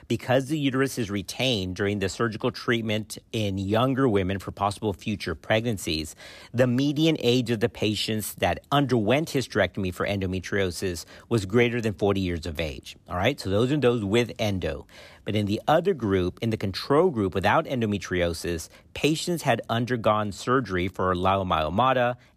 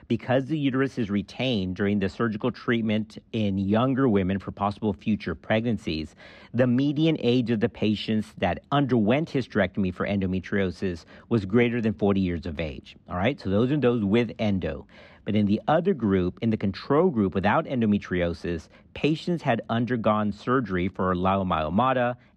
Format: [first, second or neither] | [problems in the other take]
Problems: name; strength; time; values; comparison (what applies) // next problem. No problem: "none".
first | muffled; slightly; fading above 3 kHz